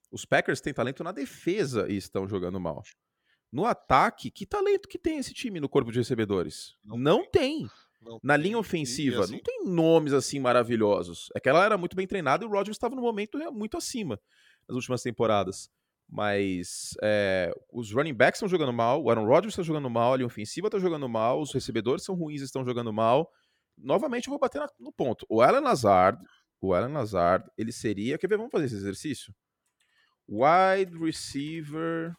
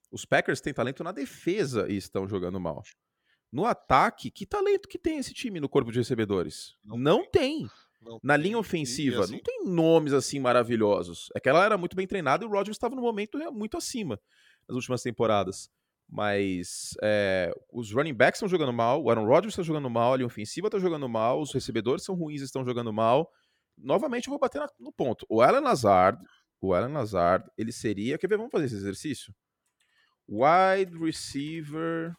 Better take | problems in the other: neither | none

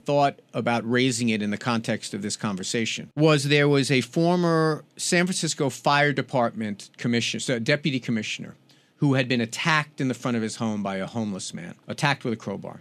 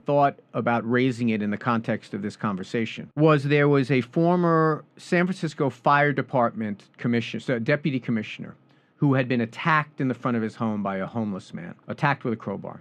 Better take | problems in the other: first | muffled; very; fading above 3.5 kHz

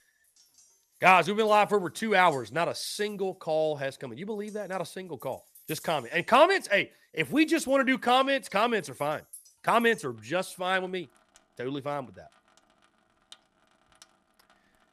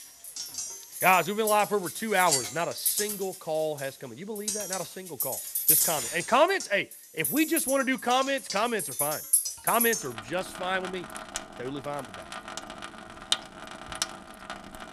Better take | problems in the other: first | household noises; loud; throughout; 2 dB below the speech; faint in the first

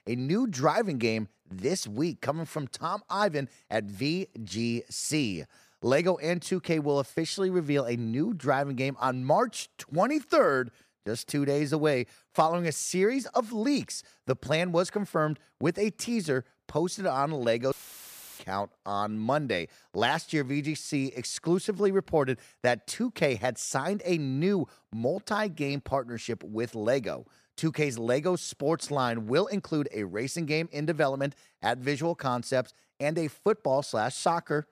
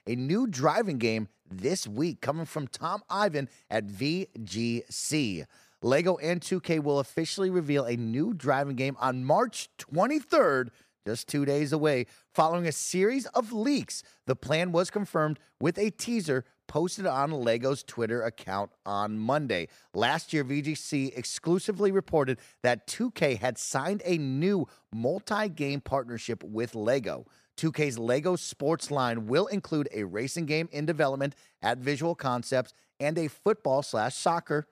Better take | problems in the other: second | audio cutting out; filled with static; at 18 s for 0.5 s

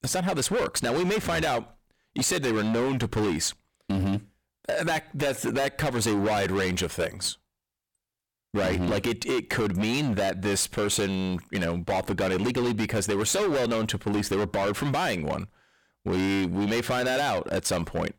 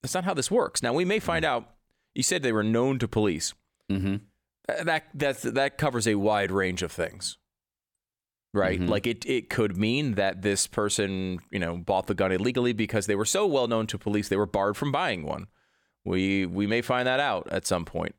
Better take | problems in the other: second | distortion; heavy; 24% of the sound clipped

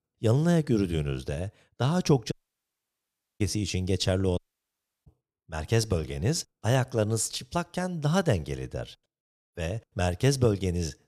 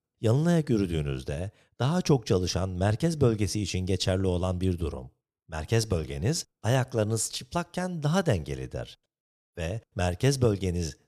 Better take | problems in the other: second | audio cutting out; at 2.5 s for 1 s and at 4.5 s for 0.5 s

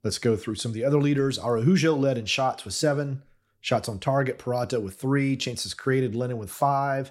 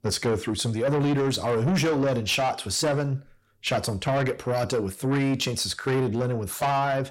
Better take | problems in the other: first | distortion; heavy; 8 dB below the speech

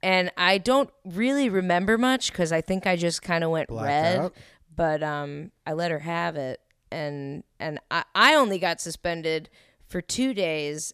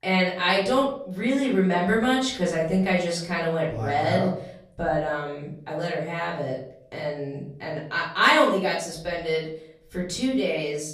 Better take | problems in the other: first | off-mic speech; far // room echo; slight; dies away in 0.5 s

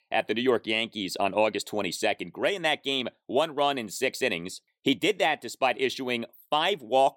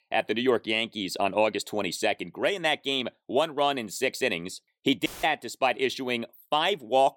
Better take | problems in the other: first | audio cutting out; filled with static; at 5 s

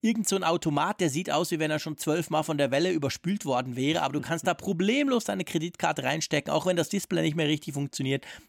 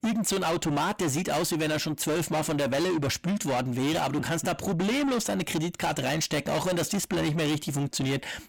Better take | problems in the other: first | distortion; heavy; 6 dB below the speech

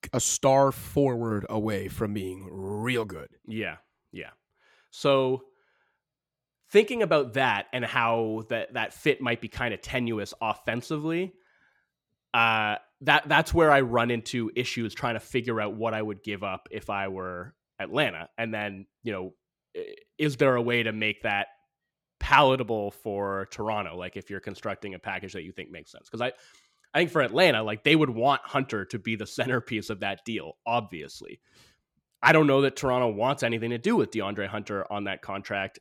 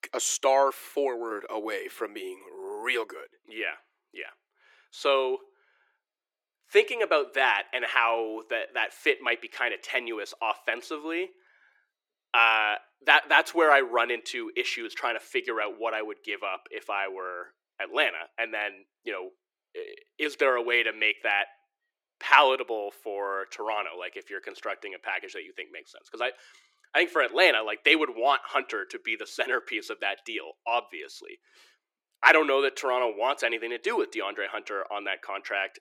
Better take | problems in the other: first | thin; very; fading below 350 Hz

